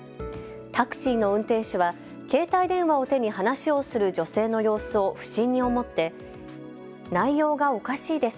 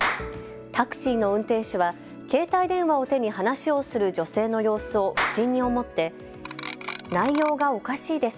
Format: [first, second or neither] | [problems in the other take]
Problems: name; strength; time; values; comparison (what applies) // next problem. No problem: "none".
first | background sound (Clock + Clapping); 10 dB below the speech